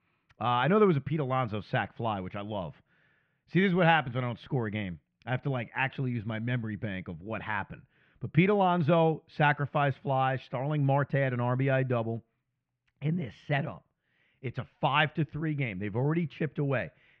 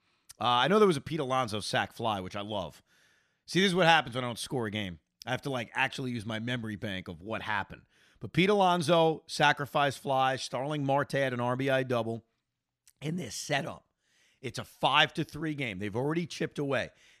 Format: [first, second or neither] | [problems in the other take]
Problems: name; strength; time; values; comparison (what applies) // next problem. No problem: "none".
second | muffled; very; fading above 2.5 kHz